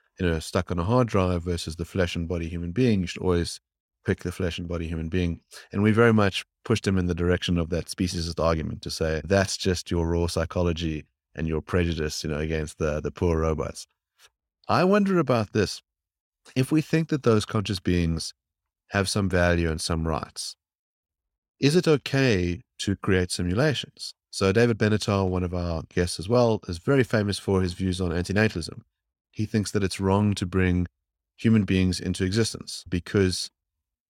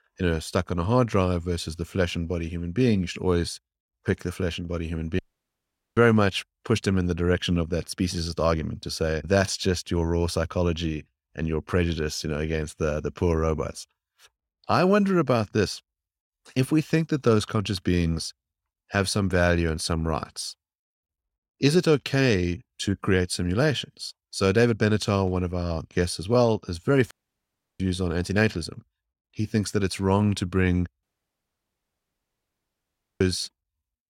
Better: first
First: none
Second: audio cutting out; at 5 s for 1 s, at 27 s for 0.5 s and at 31 s for 2 s

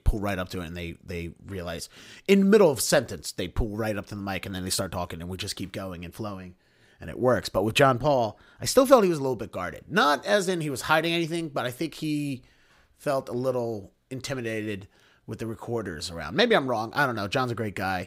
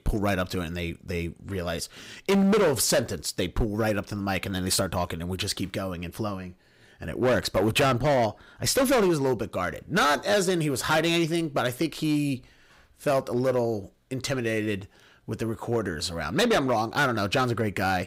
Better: first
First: none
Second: distortion; heavy; 8% of the sound clipped

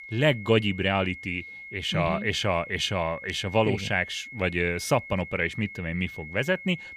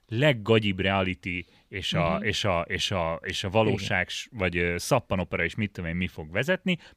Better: second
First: high-pitched whine; noticeable; throughout; 2 kHz, 15 dB below the speech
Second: none

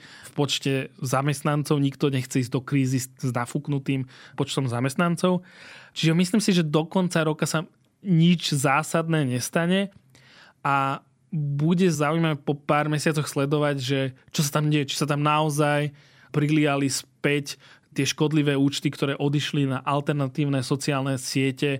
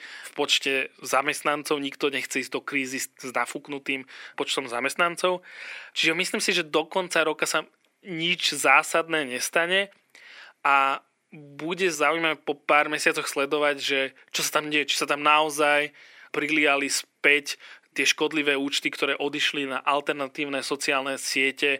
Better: first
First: none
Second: thin; very; fading below 350 Hz

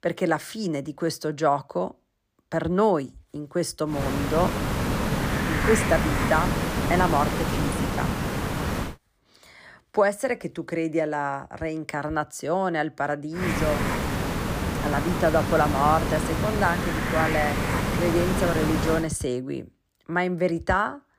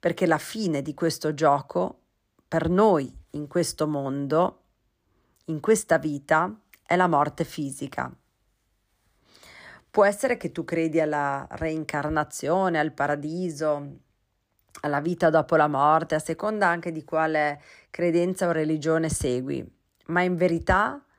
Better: second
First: hiss; loud; from 4 to 9 s and from 13 to 19 s; as loud as the speech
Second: none

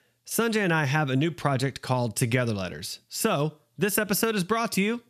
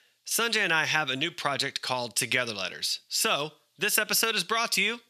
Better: first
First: none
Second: thin; somewhat; fading below 750 Hz

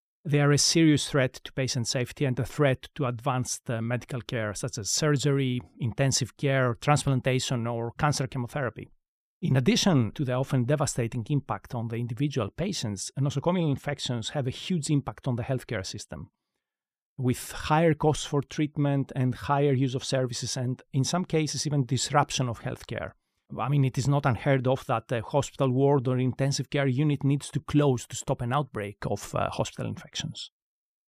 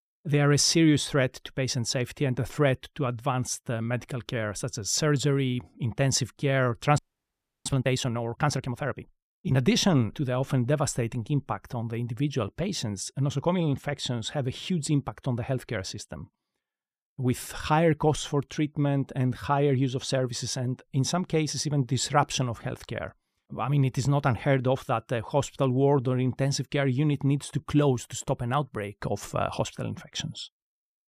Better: first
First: none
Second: audio freezing; at 7 s for 0.5 s

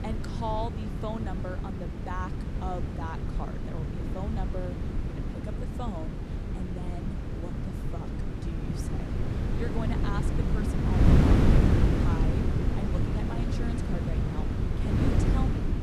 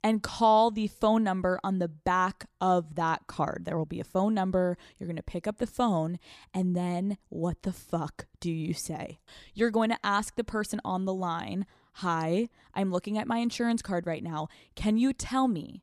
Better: second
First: wind noise on the microphone; heavy; 3 dB above the speech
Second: none

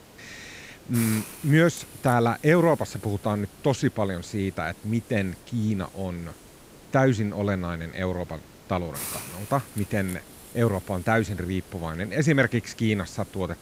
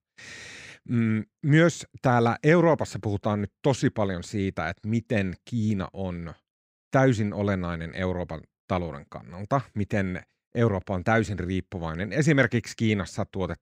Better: second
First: hiss; noticeable; throughout; 15 dB below the speech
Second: none

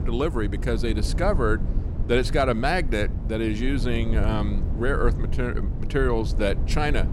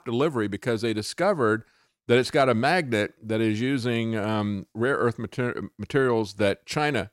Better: second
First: low rumble; noticeable; throughout; 15 dB below the speech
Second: none

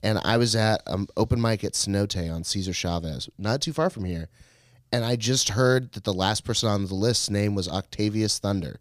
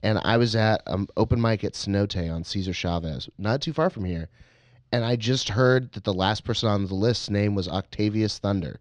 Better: first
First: none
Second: muffled; very slightly; fading above 4 kHz

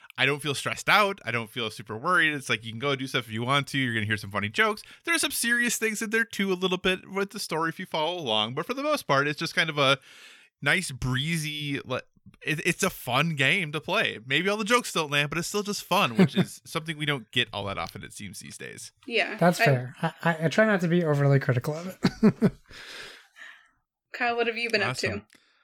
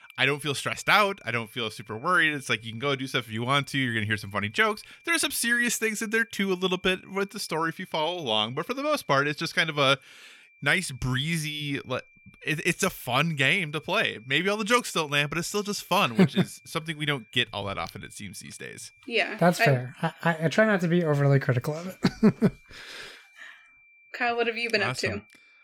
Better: first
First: none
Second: high-pitched whine; faint; throughout; 2.5 kHz, 30 dB below the speech

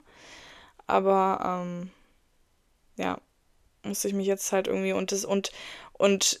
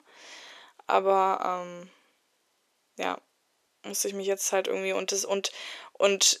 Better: first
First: none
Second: thin; somewhat; fading below 350 Hz

